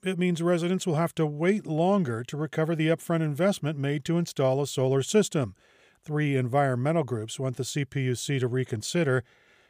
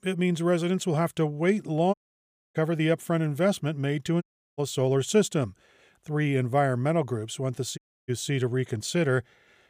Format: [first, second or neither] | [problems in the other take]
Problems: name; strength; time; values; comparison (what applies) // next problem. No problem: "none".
first | audio cutting out; at 2 s for 0.5 s, at 4 s and at 8 s